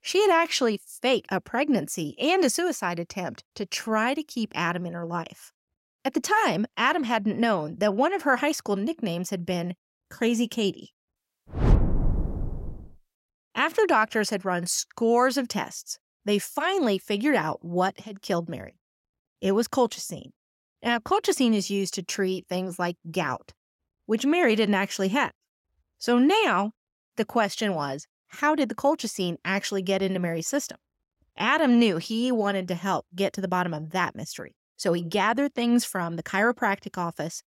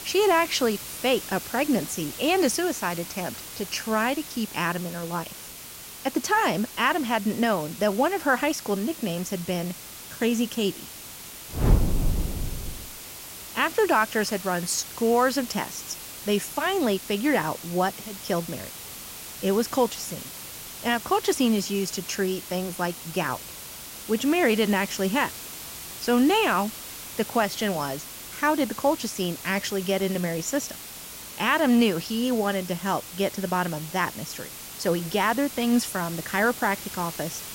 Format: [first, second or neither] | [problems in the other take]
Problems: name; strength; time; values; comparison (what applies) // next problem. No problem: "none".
first | hiss; noticeable; throughout; 10 dB below the speech